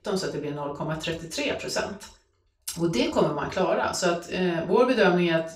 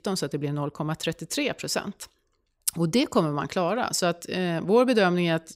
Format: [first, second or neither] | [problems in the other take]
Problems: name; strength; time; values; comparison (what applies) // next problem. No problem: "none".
second | room echo; slight; dies away in 0.4 s // off-mic speech; far